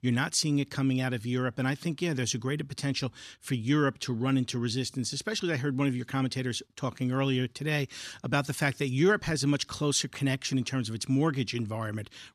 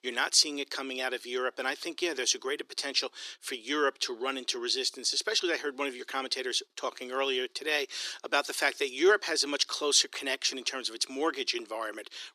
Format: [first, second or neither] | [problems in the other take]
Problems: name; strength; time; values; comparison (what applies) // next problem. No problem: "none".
first | thin; very; fading below 350 Hz